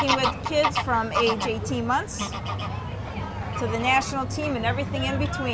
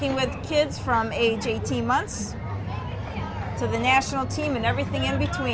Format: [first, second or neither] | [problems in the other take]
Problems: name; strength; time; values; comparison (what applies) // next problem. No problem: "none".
second | background sound (Bird vocalization, bird call, bird song / Fowl); 6 dB below the speech